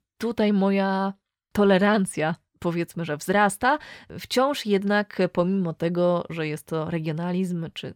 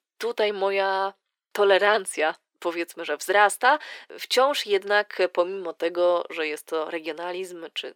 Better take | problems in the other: first | thin; very; fading below 350 Hz

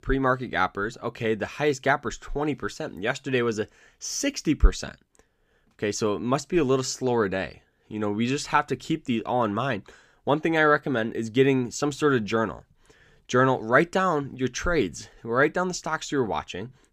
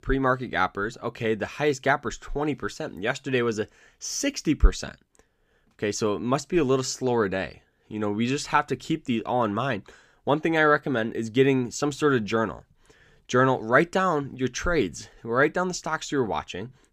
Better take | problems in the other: neither | none

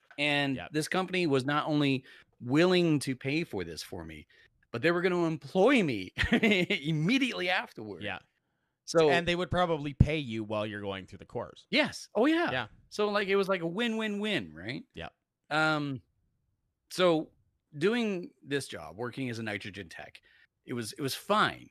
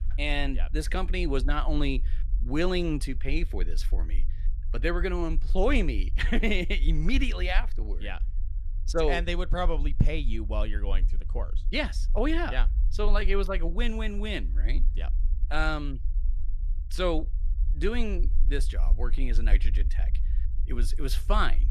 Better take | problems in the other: first | low rumble; faint; throughout; 25 dB below the speech

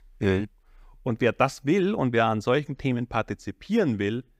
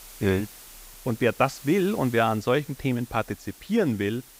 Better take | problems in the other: first | hiss; noticeable; throughout; 20 dB below the speech

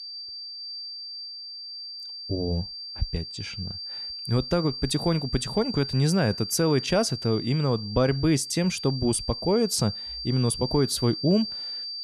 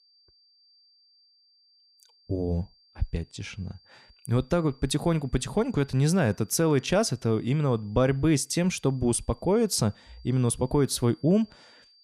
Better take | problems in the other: second | high-pitched whine; loud; throughout; 4.5 kHz, 8 dB below the speech; faint in the second

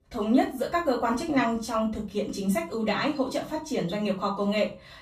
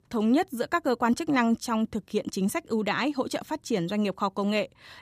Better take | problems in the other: second | off-mic speech; far // room echo; slight; dies away in 0.3 s

